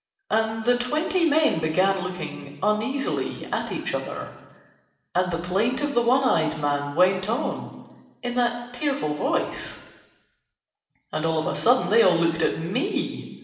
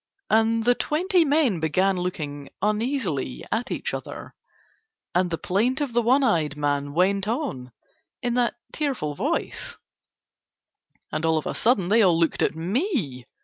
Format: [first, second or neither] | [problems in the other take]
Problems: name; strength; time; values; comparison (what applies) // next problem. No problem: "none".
second | room echo; dies away in 1.2 s